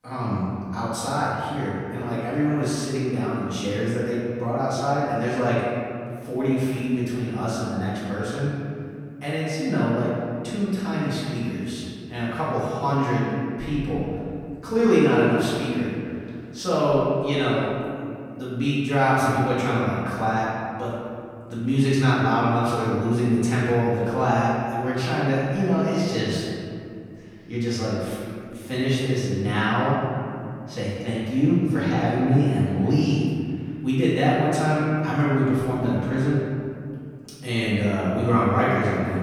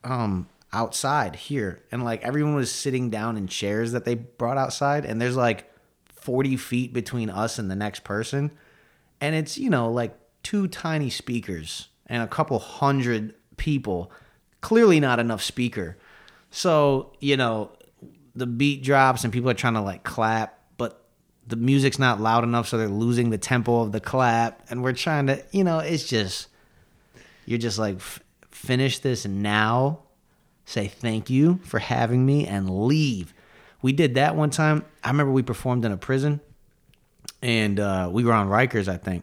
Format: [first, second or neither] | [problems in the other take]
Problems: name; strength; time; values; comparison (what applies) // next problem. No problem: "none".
second | room echo; strong; dies away in 2.3 s // off-mic speech; far